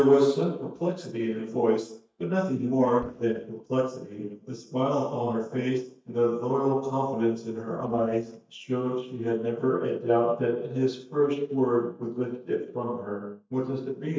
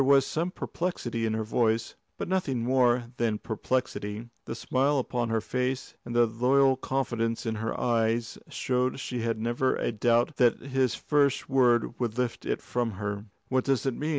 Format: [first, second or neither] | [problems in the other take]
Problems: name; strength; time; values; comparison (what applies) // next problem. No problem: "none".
second | noise reduction (neural mask model DeepFilterNet 3)